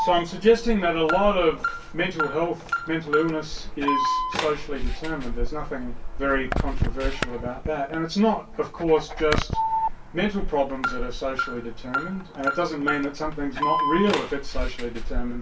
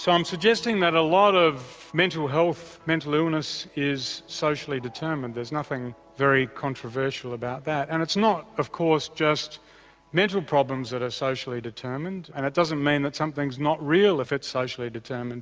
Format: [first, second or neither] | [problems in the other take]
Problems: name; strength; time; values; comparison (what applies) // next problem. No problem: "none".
second | background sound (Alarm); 2 dB below the speech // room echo; dies away in 0.2 s